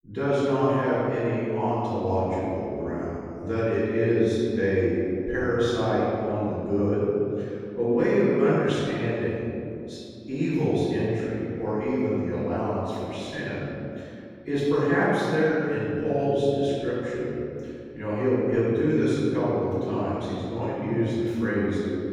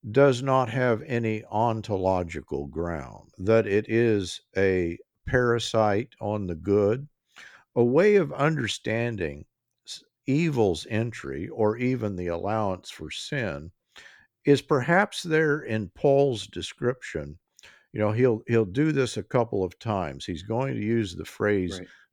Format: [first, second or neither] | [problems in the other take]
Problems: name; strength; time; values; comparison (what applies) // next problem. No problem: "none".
second | off-mic speech; far // room echo; strong; dies away in 2.8 s